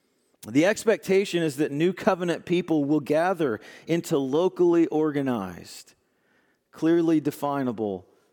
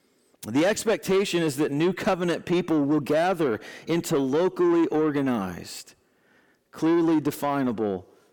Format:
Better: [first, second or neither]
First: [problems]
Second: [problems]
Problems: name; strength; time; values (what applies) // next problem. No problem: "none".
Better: first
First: none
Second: distortion; slight; 10 dB below the speech